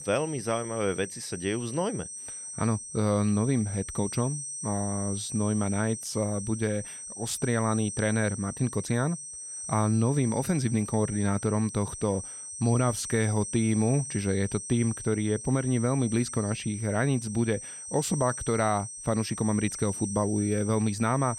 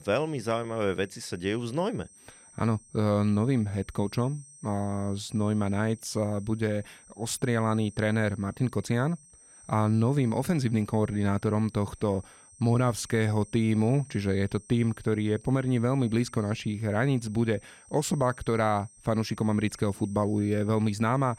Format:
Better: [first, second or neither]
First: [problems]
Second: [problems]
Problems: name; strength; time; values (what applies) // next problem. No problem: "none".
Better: second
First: high-pitched whine; loud; throughout; 8.5 kHz, 8 dB below the speech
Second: high-pitched whine; faint; throughout; 8.5 kHz, 25 dB below the speech